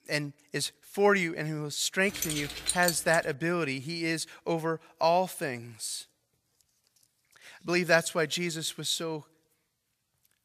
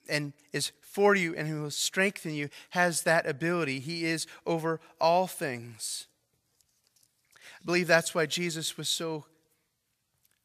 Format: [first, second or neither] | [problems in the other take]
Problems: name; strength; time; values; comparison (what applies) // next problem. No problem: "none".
second | jangling keys; noticeable; from 2 to 3 s; peak 1 dB below the speech